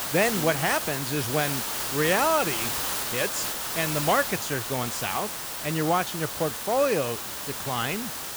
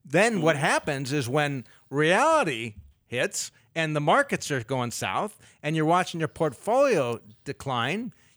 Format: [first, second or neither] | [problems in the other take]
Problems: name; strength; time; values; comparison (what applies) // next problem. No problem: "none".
second | hiss; loud; throughout; 2 dB below the speech